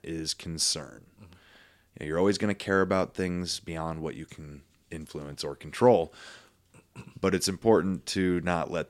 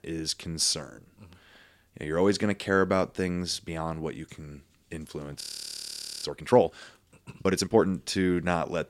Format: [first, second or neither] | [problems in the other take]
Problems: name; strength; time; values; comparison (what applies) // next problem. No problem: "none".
first | audio freezing; at 5.5 s for 1 s